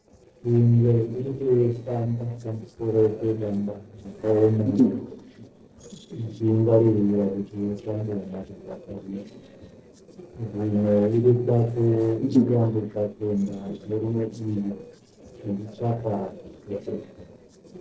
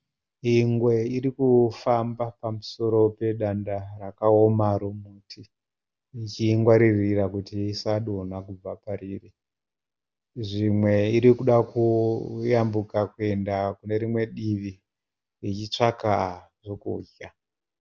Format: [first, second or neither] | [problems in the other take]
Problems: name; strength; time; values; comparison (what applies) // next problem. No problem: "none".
second | noise reduction (neural separator model SepFormer DNS4)